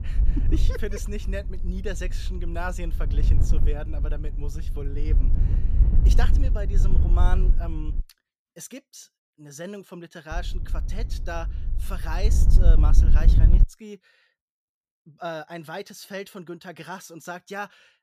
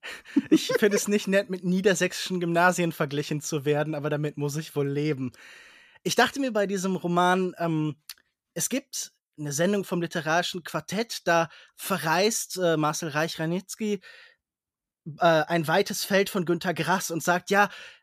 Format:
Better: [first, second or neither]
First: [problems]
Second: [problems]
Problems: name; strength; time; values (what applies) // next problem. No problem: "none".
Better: second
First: wind noise on the microphone; heavy; until 8 s and from 10 to 14 s; 7 dB below the speech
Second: none